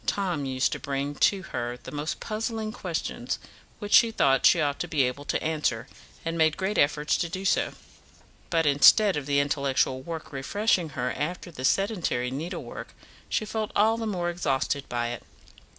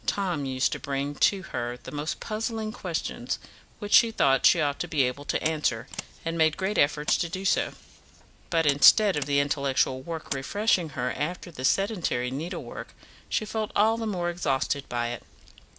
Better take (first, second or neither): first